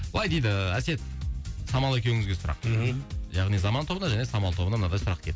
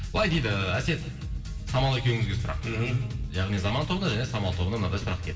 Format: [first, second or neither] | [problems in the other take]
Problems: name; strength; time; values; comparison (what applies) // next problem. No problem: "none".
first | room echo; dies away in 1 s